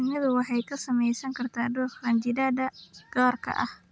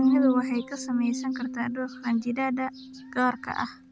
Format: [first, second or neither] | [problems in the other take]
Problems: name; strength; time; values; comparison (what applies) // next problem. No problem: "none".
first | background sound (Bowed string instrument); 1 dB below the speech